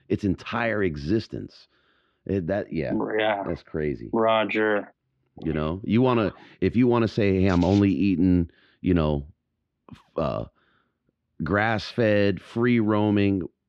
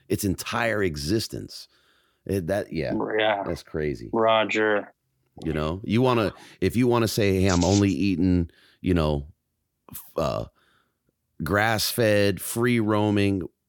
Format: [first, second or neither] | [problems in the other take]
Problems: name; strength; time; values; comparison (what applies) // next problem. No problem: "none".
second | muffled; slightly; fading above 3.5 kHz